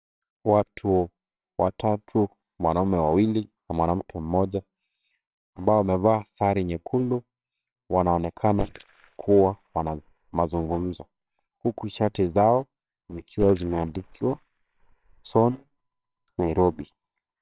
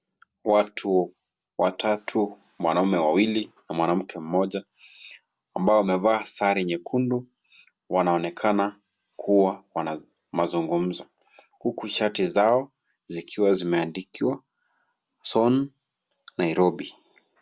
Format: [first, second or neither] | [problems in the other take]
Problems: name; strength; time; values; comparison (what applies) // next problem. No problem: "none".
second | noise reduction (neural separator model SepFormer WHAMR!)